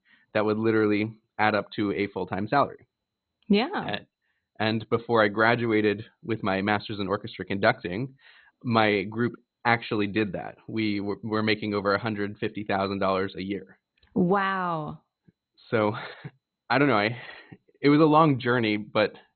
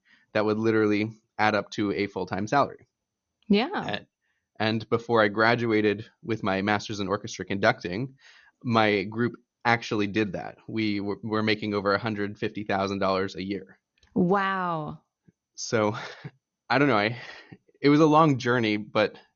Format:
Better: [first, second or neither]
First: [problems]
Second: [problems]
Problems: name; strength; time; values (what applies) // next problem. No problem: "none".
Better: second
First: garbled, watery; badly; nothing above 4 kHz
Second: garbled, watery; slightly; nothing above 6.5 kHz